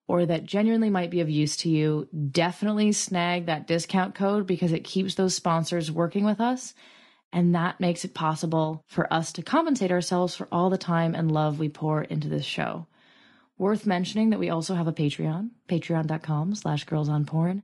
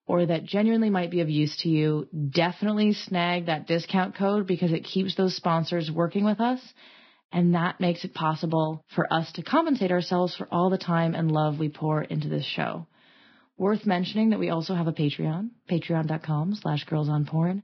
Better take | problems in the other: first | garbled, watery; badly; nothing above 5.5 kHz; slightly in the first

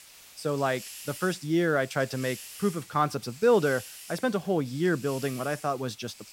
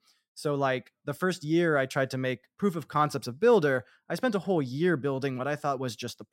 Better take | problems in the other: second | hiss; noticeable; throughout; 15 dB below the speech

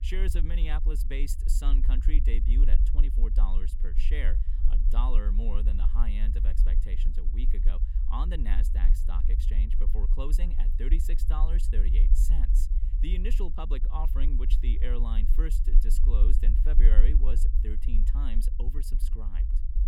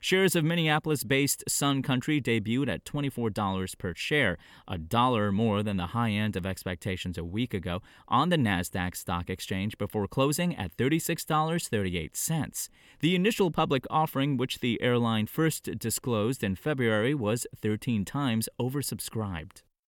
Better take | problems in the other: second | low rumble; loud; throughout; 8 dB below the speech

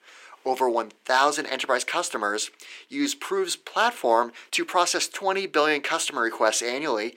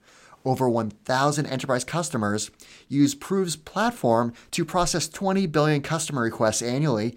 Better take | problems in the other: second | thin; somewhat; fading below 350 Hz

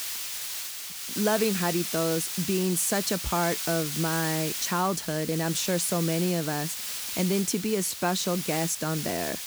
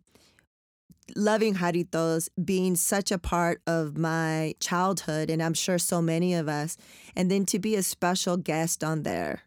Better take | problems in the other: second | hiss; loud; throughout; 4 dB below the speech

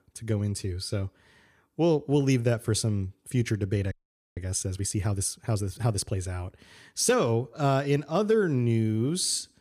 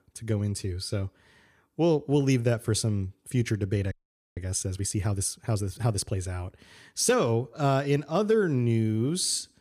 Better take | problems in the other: neither | audio freezing; at 4 s; the same in both

